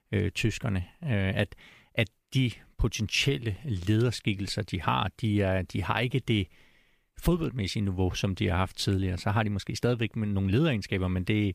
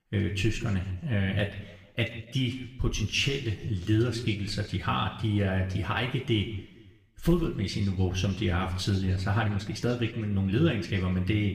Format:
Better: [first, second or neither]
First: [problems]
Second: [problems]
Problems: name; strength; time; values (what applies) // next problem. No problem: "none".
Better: first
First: none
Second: room echo; slight; dies away in 0.9 s // off-mic speech; somewhat distant